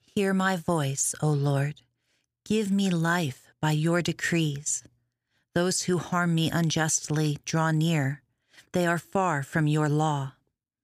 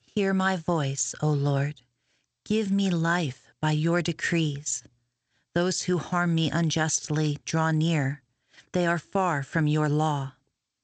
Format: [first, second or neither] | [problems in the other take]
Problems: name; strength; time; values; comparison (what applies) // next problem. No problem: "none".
first | garbled, watery; slightly; nothing above 7.5 kHz